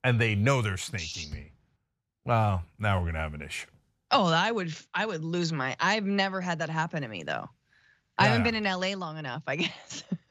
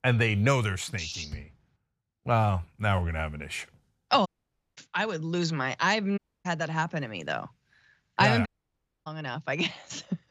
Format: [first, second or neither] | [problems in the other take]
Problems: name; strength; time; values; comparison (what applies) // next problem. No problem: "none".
first | audio cutting out; at 4.5 s for 0.5 s, at 6 s and at 8.5 s for 0.5 s